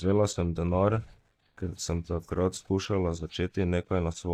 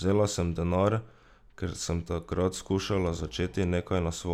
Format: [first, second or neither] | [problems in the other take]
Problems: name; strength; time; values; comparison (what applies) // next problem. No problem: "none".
second | noise reduction (neural mask model DeepFilterNet 3)